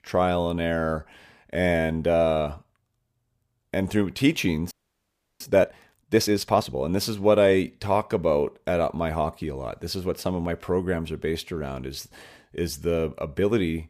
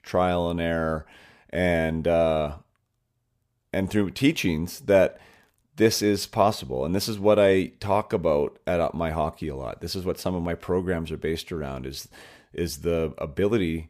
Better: second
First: audio freezing; at 4.5 s for 0.5 s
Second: none

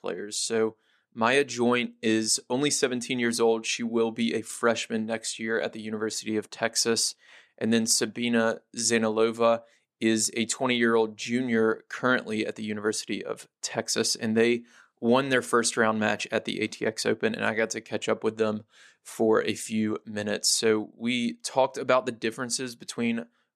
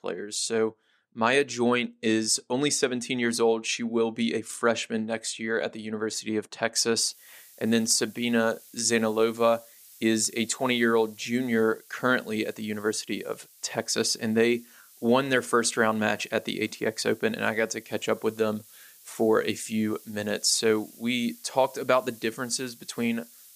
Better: first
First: none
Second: hiss; faint; from 7 s on; 25 dB below the speech

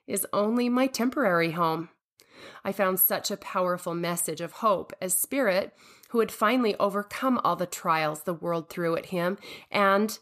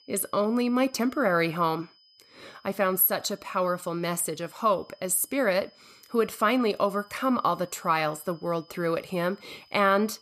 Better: first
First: none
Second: high-pitched whine; faint; throughout; 5 kHz, 30 dB below the speech

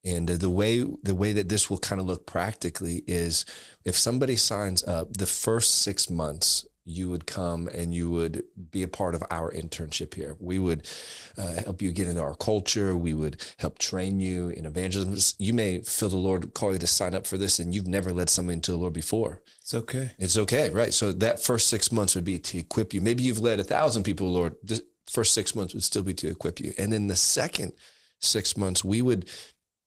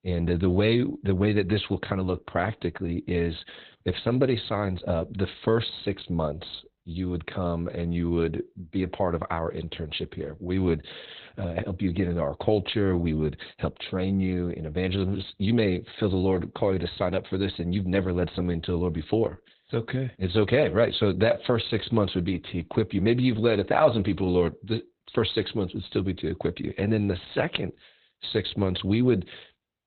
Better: first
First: garbled, watery; slightly; nothing above 15.5 kHz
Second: garbled, watery; badly; nothing above 4 kHz

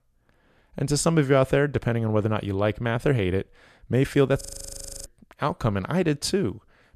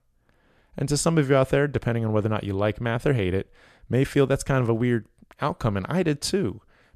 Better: second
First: audio freezing; at 4.5 s for 0.5 s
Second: none

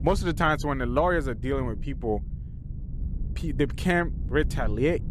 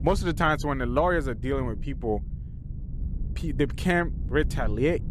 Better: neither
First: low rumble; faint; throughout; 20 dB below the speech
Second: low rumble; faint; throughout; 20 dB below the speech

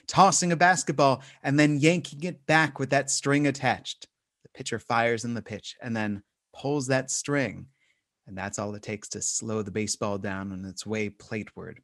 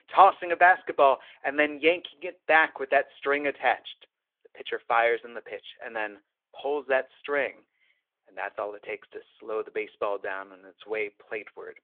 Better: first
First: none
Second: phone-call audio; nothing above 3.5 kHz

